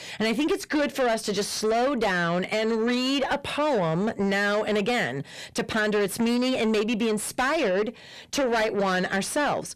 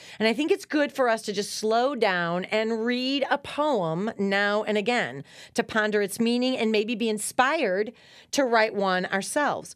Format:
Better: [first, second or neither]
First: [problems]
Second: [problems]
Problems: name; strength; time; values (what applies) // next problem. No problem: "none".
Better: second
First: distortion; heavy; 7 dB below the speech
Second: none